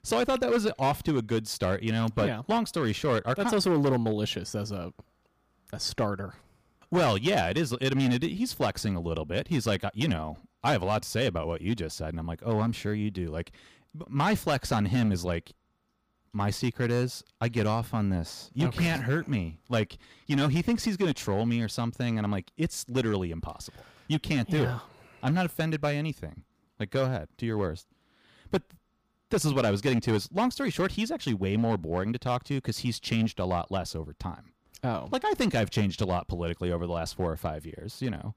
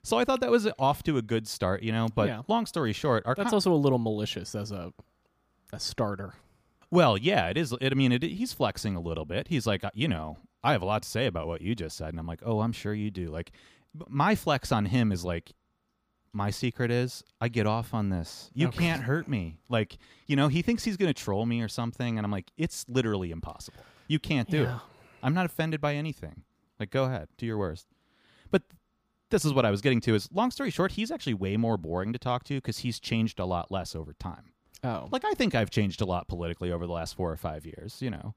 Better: second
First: distortion; slight; 5% of the sound clipped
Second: none

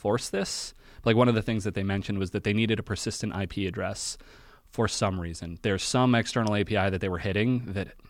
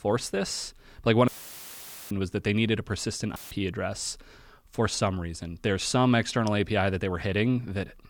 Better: first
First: none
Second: audio cutting out; filled with static; at 1.5 s for 1 s and at 3.5 s

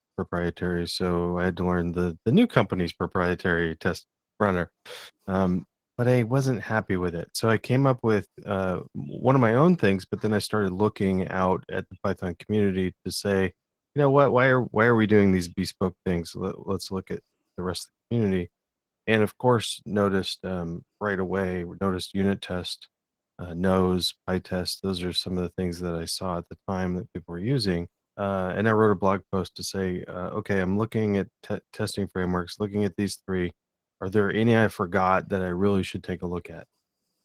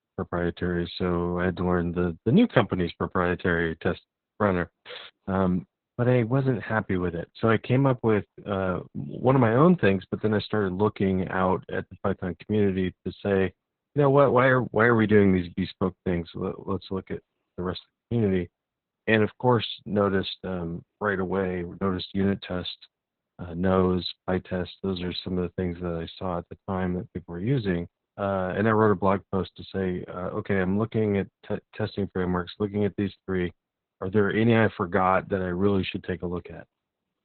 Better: first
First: garbled, watery; slightly; nothing above 19 kHz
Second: garbled, watery; badly; nothing above 4 kHz

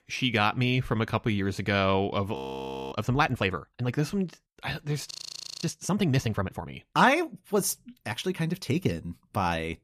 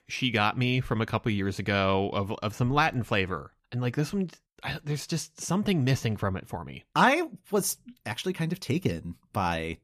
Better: second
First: audio freezing; at 2.5 s for 0.5 s and at 5 s for 0.5 s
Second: none

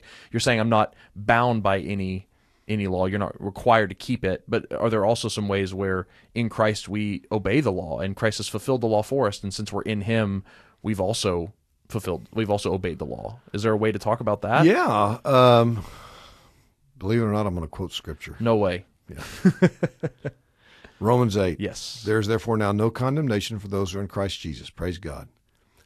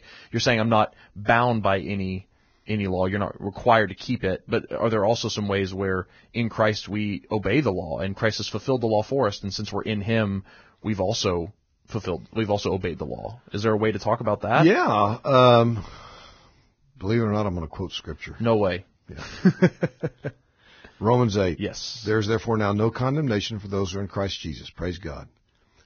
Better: first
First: garbled, watery; slightly; nothing above 13 kHz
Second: garbled, watery; badly; nothing above 6.5 kHz

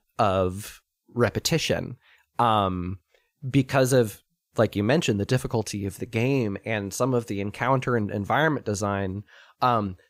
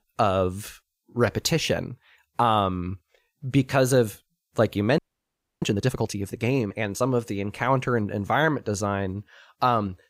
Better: first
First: none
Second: audio freezing; at 5 s for 0.5 s

